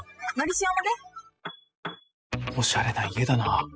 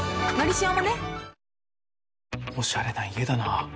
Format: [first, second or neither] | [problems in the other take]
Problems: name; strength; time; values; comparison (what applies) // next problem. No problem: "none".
second | noise reduction (classical method spectral subtraction)